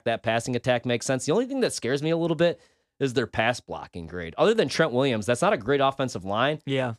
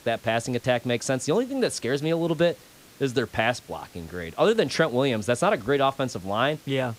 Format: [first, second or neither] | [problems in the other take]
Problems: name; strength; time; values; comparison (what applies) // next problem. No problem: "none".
first | hiss; faint; throughout; 25 dB below the speech